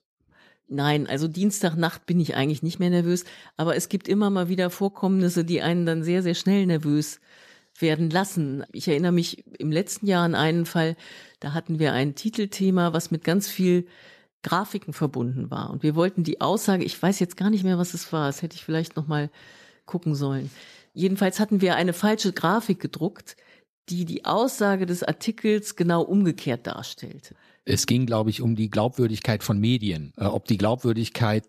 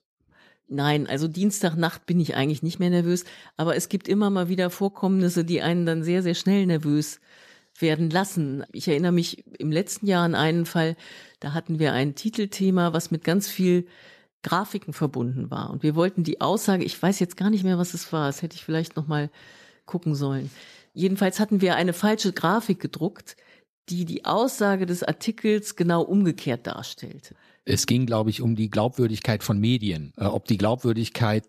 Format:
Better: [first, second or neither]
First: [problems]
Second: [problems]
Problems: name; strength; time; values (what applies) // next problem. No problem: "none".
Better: neither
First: none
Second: none